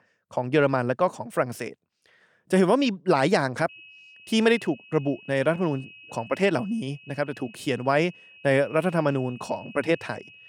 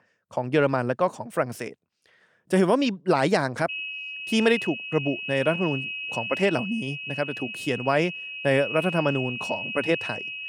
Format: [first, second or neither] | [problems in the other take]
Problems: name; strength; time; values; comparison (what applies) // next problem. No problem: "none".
first | high-pitched whine; loud; from 3.5 s on; 2.5 kHz, 6 dB below the speech; faint in the first